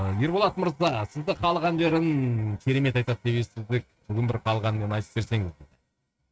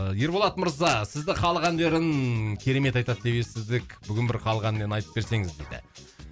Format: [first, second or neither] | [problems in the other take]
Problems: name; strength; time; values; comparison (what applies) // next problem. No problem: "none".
second | noise reduction (neural mask model RNNoise)